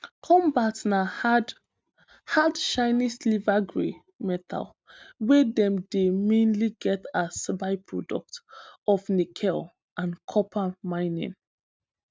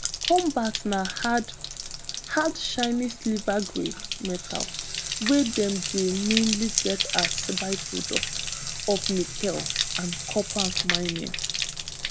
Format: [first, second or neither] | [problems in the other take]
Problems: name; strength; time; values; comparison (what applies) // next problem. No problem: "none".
first | background sound (Bathtub (filling or washing)); 2 dB below the speech